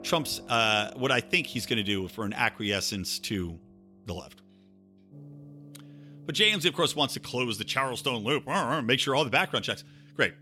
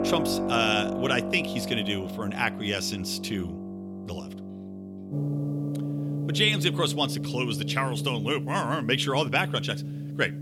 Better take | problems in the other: first | background music; loud; throughout; 5 dB below the speech; faint in the first

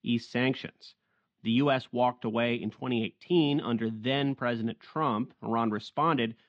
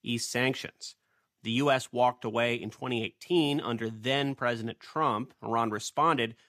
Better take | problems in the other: second | muffled; slightly; fading above 4 kHz

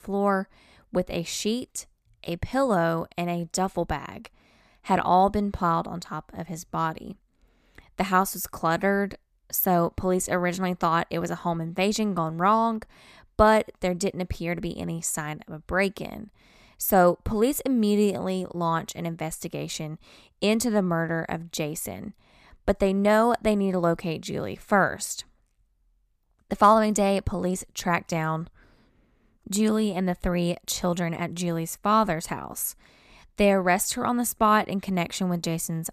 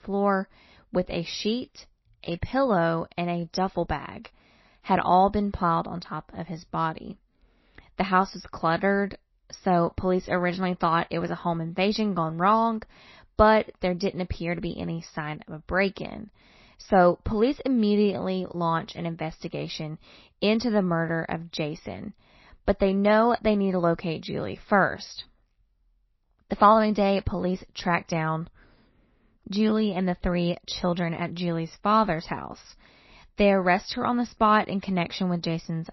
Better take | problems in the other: first | garbled, watery; slightly; nothing above 5.5 kHz

